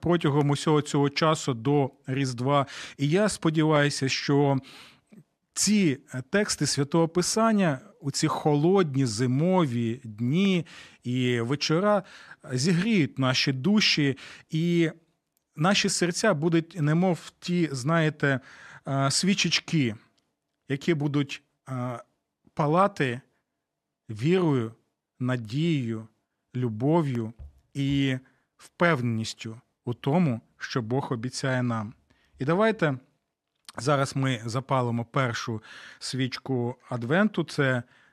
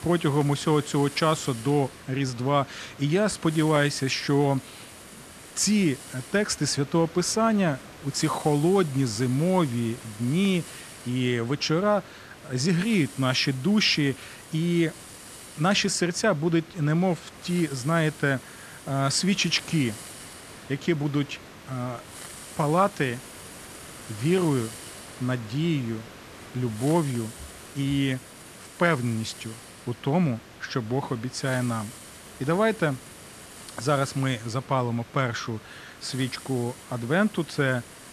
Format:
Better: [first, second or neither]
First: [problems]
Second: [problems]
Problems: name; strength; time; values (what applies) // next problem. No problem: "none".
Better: first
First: none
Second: hiss; noticeable; throughout; 15 dB below the speech